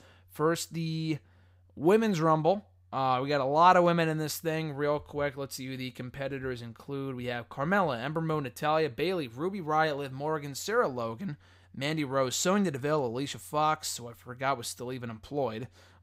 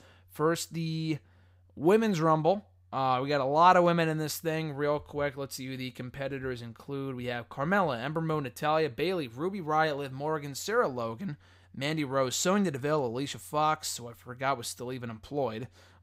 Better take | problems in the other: neither | none

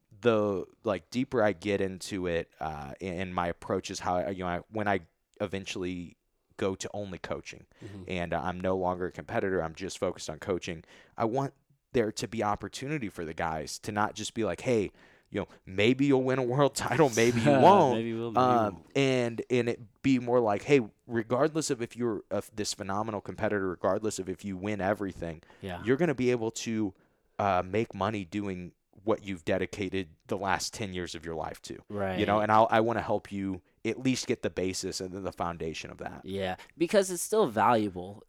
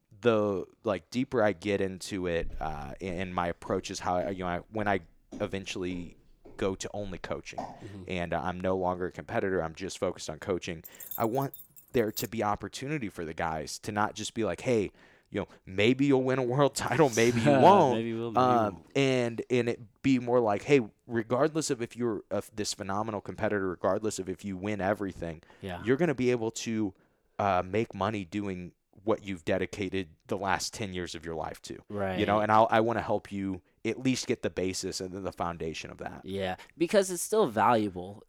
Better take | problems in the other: first | footsteps; faint; from 2.5 to 8 s; peak 10 dB below the speech // jangling keys; noticeable; from 11 to 12 s; peak 10 dB below the speech

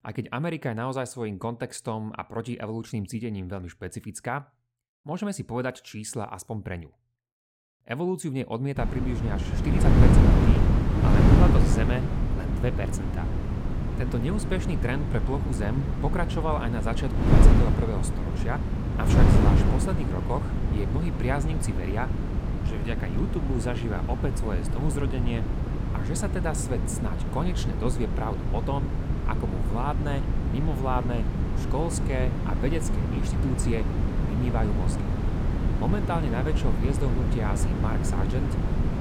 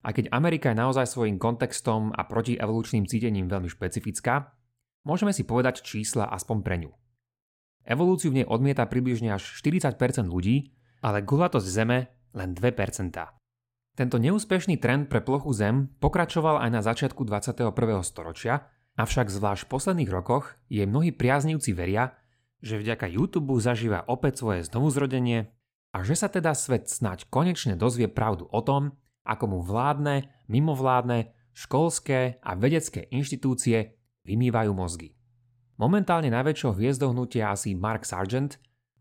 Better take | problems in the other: second | wind noise on the microphone; heavy; from 9 s on; 1 dB below the speech

